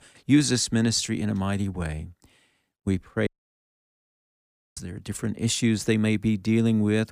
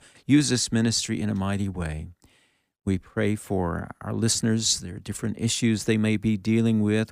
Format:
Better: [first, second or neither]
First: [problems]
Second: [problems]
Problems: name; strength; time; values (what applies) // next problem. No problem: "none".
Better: second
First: audio cutting out; at 3.5 s for 1.5 s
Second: none